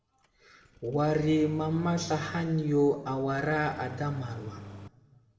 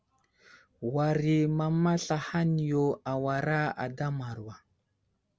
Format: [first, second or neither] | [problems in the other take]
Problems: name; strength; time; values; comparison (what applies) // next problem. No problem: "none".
second | background sound (Engine starting); 17 dB below the speech // room echo; dies away in 1.5 s